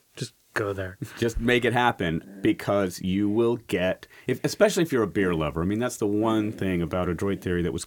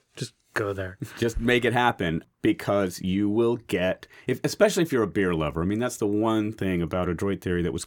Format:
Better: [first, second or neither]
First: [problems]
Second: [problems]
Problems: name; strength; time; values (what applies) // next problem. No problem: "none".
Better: second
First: hiss; faint; throughout; 20 dB below the speech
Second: none